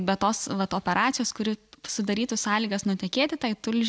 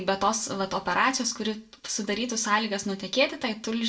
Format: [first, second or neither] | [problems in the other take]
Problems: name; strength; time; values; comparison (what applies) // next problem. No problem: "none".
first | room echo; dies away in 0.2 s